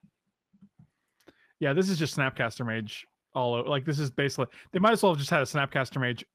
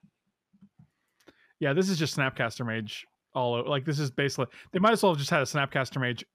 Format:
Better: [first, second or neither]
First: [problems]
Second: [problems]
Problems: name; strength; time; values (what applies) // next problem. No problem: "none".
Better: second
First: garbled, watery; slightly; nothing above 14.5 kHz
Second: none